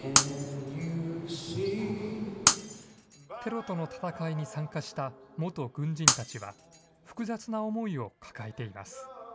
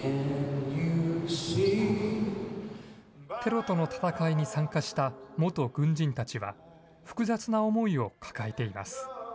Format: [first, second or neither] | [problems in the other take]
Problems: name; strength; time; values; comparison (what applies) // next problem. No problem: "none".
second | background sound (Shatter); 4 dB above the speech